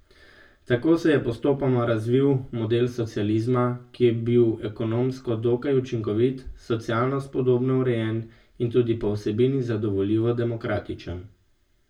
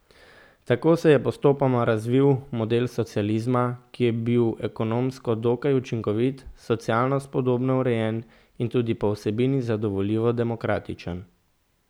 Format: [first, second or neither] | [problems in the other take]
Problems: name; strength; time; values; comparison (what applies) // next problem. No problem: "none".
second | room echo; dies away in 0.2 s